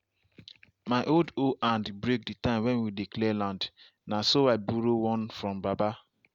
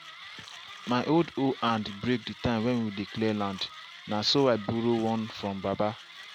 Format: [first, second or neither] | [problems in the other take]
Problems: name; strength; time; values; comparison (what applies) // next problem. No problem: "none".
first | background sound (Mechanisms); 17 dB below the speech